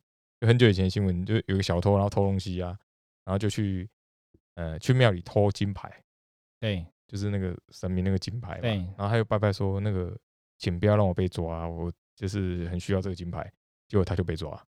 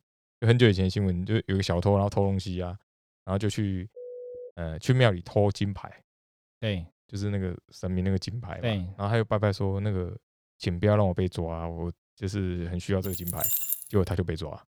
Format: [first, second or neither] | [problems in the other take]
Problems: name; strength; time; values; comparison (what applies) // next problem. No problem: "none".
first | phone ringing; faint; at 4 s; peak 15 dB below the speech // jangling keys; loud; at 13 s; peak 3 dB above the speech